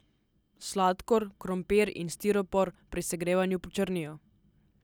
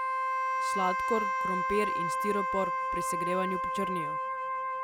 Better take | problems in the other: first | background sound (Wind instrument, woodwind instrument); 5 dB above the speech

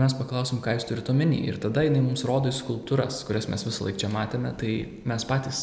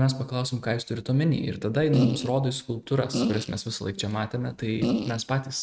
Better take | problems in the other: first | noise reduction (neural mask model RNNoise)

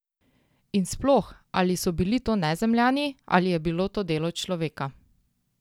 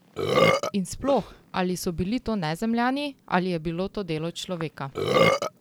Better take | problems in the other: first | background sound (Burping, eructation); as loud as the speech

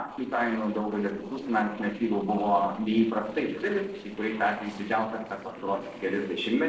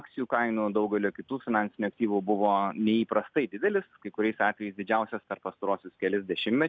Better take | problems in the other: second | noise reduction (neural separator model SepFormer DNS4)

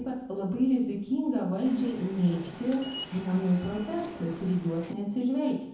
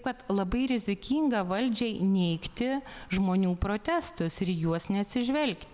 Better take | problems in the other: second | background sound (Subway, metro, underground); 15 dB below the speech // room echo; dies away in 0.7 s

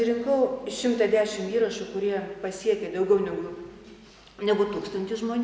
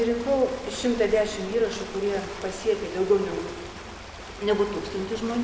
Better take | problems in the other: first | background sound (Ocean); 12 dB below the speech

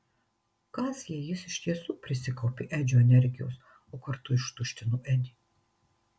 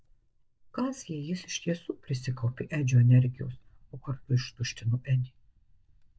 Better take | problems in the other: first | noise reduction (neural mask model DeepFilterNet 3)

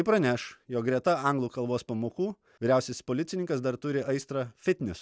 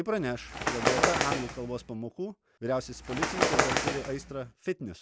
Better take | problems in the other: first | background sound (Bird); 3 dB above the speech

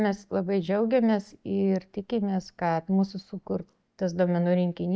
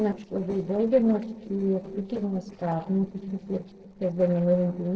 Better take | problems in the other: first | noise reduction (neural separator model SepFormer DNS4)

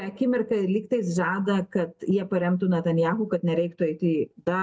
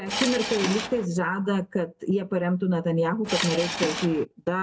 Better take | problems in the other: first | background sound (Subway, metro, underground / Engine); 4 dB below the speech

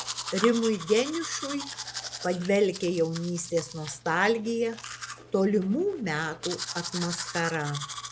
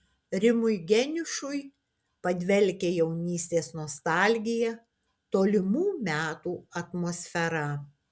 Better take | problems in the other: second | background sound (Domestic sounds, home sounds); 10 dB below the speech

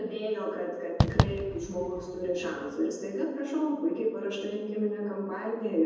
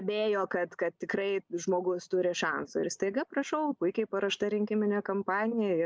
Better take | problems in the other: second | background sound (Fireworks); 1 dB above the speech // room echo; dies away in 1.1 s

